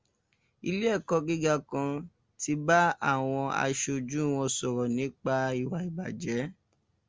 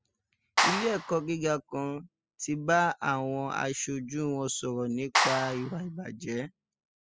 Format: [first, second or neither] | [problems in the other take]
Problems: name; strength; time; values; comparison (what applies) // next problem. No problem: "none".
first | noise reduction (classical method spectral subtraction)